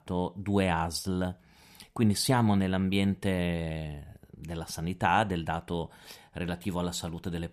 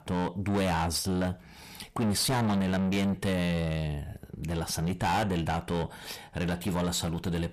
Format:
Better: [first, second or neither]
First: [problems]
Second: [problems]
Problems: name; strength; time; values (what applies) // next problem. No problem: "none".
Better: first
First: none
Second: distortion; heavy; 6 dB below the speech